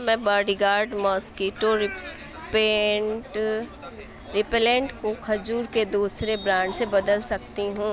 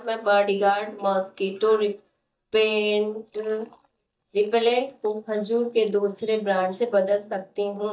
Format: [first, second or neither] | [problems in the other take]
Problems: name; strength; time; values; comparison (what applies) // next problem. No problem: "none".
first | noise reduction (neural mask model DeepFilterNet 3)